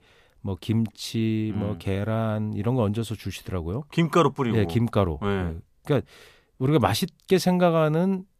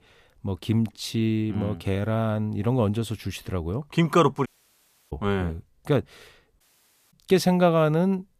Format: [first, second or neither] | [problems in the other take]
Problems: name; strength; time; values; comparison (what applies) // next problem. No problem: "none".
first | audio cutting out; at 4.5 s for 0.5 s and at 6.5 s for 0.5 s